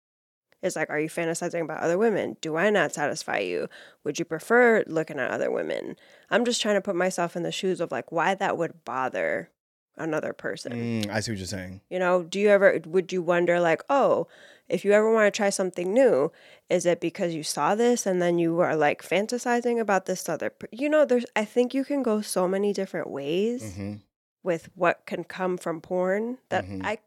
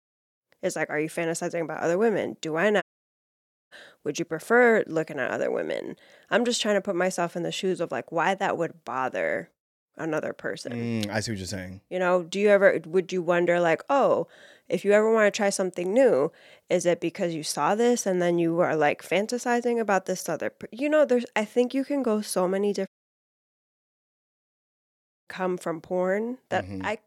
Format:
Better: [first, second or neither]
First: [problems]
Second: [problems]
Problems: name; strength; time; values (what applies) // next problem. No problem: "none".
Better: first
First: none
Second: audio cutting out; at 3 s for 1 s and at 23 s for 2.5 s